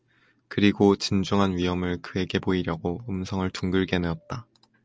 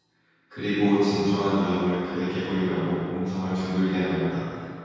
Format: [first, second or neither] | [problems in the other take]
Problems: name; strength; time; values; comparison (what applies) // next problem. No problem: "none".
first | room echo; dies away in 2.2 s